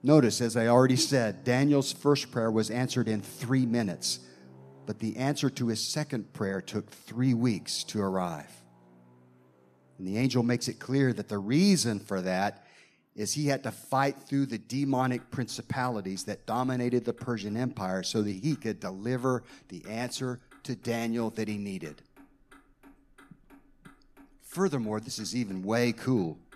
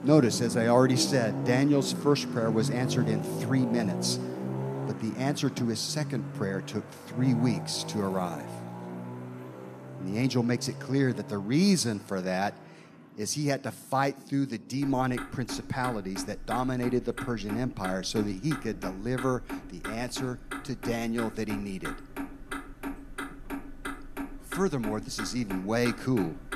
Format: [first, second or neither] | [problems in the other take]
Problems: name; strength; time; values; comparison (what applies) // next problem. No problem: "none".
first | traffic noise; loud; throughout; 8 dB below the speech; faint in the first